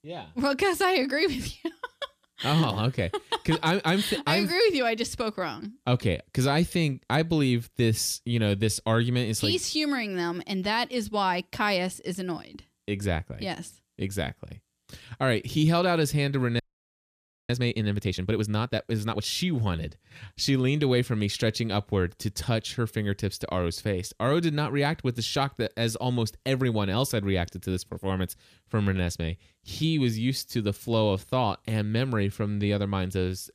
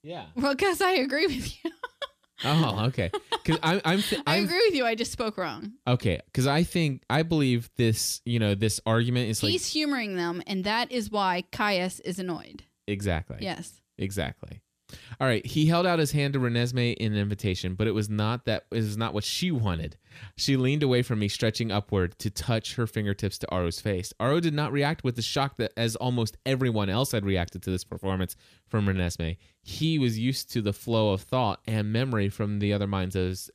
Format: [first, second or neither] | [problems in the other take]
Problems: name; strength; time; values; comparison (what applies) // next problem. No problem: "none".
second | audio freezing; at 17 s for 1 s